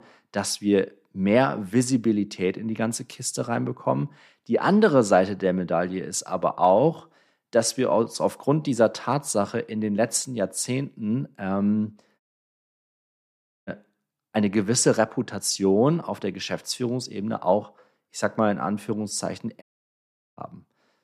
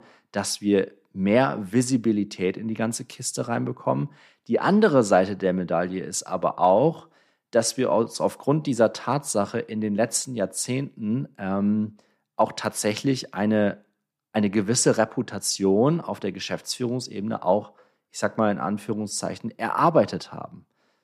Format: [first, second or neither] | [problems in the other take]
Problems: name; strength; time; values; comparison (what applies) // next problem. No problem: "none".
second | audio cutting out; at 12 s for 1.5 s and at 20 s for 1 s